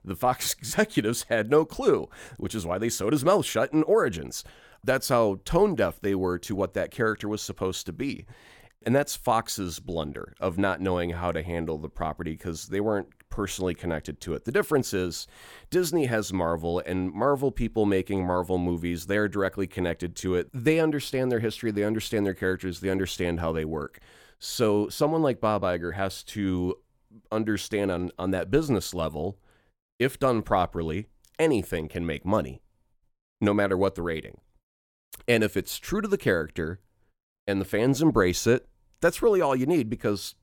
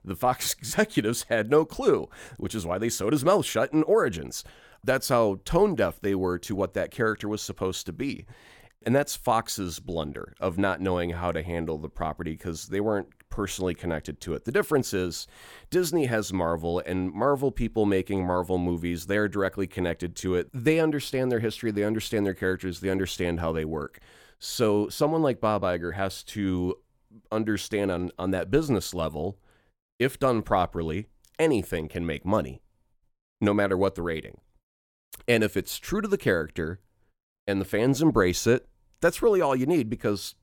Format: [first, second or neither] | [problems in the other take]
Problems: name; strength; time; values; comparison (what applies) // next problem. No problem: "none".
neither | none